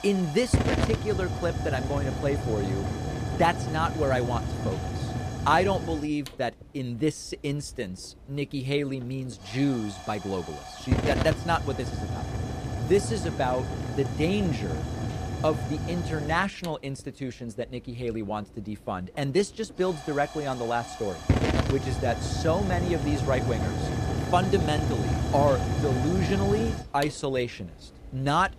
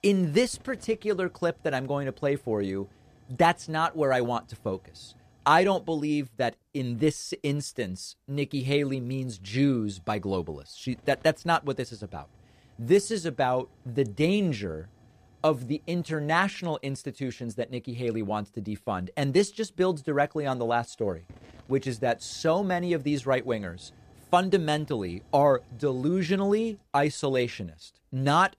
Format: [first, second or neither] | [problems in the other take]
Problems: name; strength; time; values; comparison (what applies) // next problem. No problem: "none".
second | hiss; loud; throughout; 2 dB below the speech; faint in the second